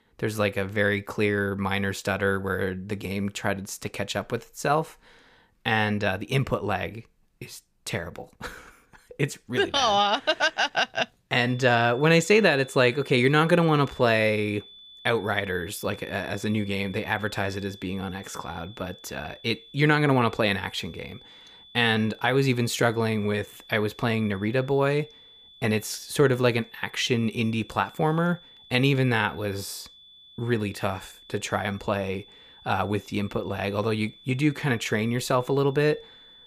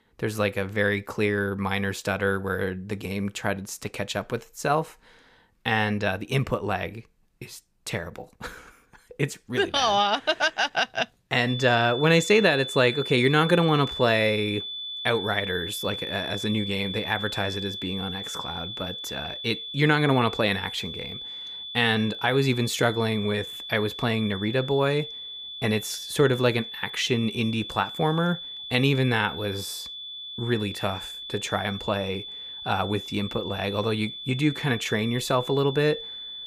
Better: first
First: high-pitched whine; faint; from 11 s on; 3.5 kHz, 20 dB below the speech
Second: high-pitched whine; loud; from 11 s on; 3.5 kHz, 8 dB below the speech

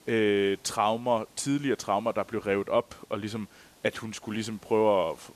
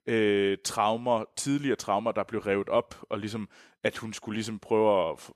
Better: second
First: hiss; faint; throughout; 30 dB below the speech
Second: none

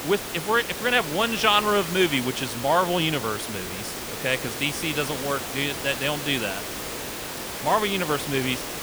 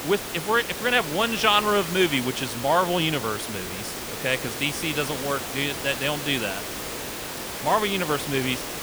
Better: neither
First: hiss; loud; throughout; 7 dB below the speech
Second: hiss; loud; throughout; 7 dB below the speech

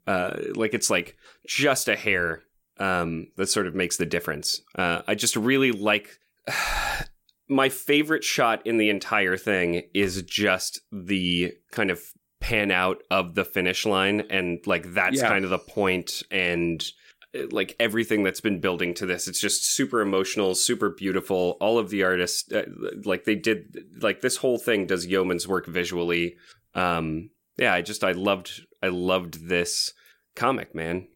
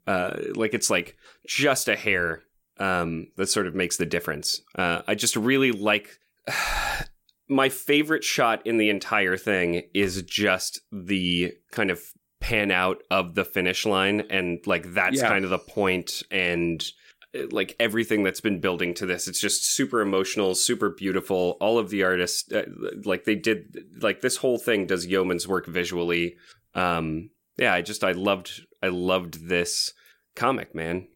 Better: neither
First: none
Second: none

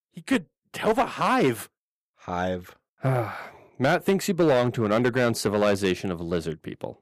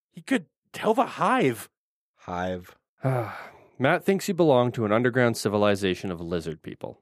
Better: second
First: distortion; slight; 4% of the sound clipped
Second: none

